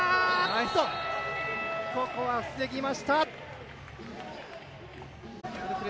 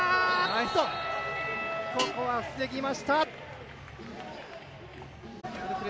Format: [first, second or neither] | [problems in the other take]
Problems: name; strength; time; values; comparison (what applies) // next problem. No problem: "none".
first | background sound (Guitar); 14 dB below the speech